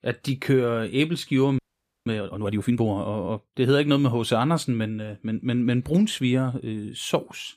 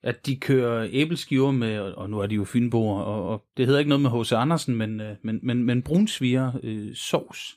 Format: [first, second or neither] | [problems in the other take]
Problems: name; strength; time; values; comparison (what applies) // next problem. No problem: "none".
second | audio freezing; at 1.5 s